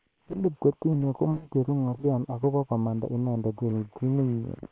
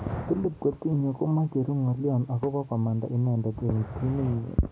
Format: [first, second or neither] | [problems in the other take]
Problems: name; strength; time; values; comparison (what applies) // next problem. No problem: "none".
second | noise reduction (neural separator model SepFormer WHAM!)